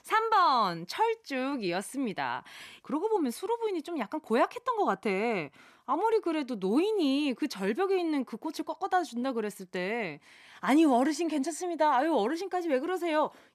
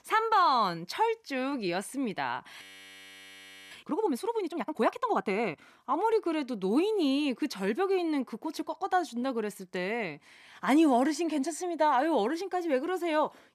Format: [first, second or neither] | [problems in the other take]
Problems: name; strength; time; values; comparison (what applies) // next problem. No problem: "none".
first | audio freezing; at 2.5 s for 1 s